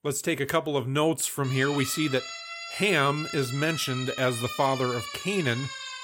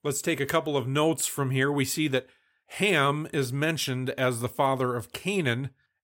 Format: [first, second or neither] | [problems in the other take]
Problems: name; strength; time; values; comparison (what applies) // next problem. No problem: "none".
second | siren; noticeable; from 1.5 s on; peak 8 dB below the speech